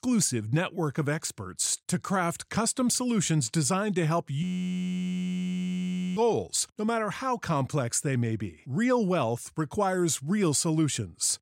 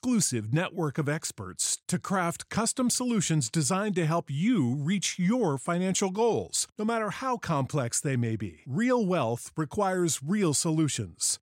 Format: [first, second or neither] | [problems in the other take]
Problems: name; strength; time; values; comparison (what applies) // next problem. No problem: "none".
second | audio freezing; at 4.5 s for 1.5 s